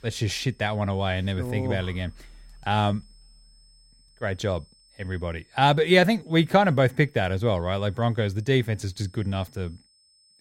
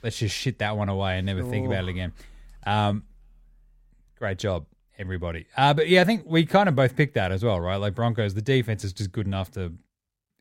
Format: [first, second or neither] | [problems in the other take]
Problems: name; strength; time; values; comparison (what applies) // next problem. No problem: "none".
second | high-pitched whine; faint; throughout; 5 kHz, 35 dB below the speech